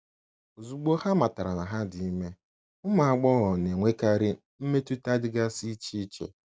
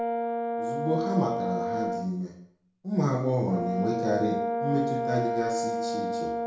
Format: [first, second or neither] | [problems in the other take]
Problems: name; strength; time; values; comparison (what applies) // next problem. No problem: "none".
first | background sound (Brass instrument); as loud as the speech // room echo; dies away in 0.5 s